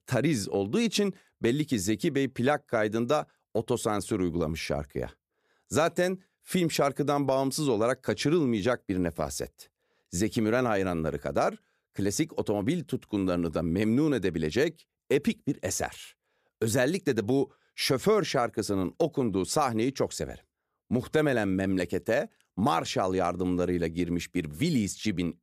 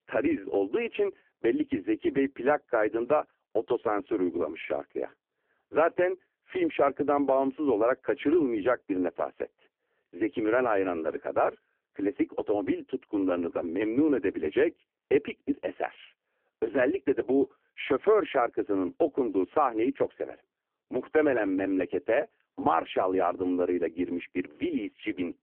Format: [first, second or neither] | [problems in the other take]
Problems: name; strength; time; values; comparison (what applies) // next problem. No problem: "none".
first | phone-call audio; poor line